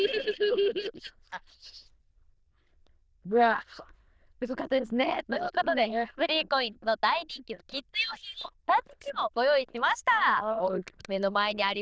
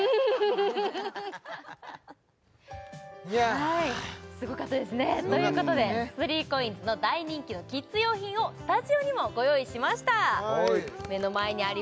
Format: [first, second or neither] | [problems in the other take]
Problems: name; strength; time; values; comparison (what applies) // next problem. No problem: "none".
second | noise reduction (neural diffusion model UNIVERSE++)